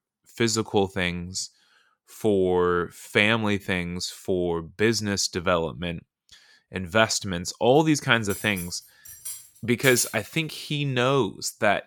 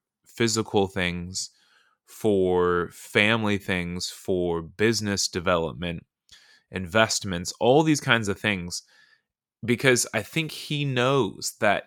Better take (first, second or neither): second